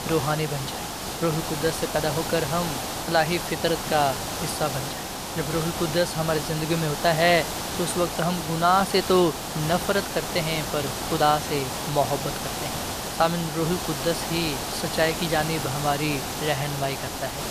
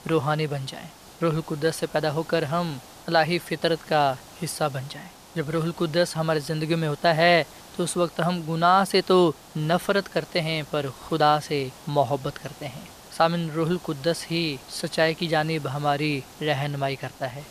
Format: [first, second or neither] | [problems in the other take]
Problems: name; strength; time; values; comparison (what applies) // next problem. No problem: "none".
second | hiss; loud; throughout; 4 dB below the speech; faint in the second